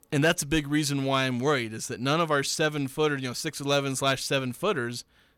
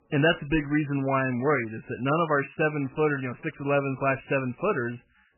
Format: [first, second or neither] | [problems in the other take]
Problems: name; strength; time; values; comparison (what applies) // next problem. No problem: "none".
first | garbled, watery; badly; nothing above 3 kHz